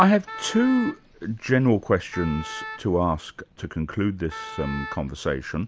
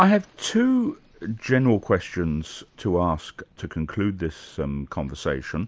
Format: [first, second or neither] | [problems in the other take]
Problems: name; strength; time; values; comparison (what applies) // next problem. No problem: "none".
second | background sound (Wind instrument, woodwind instrument); 14 dB below the speech